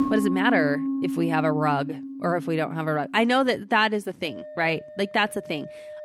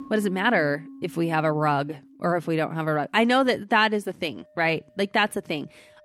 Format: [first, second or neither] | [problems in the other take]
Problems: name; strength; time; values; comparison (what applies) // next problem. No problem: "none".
second | background music; loud; throughout; 5 dB below the speech; faint in the second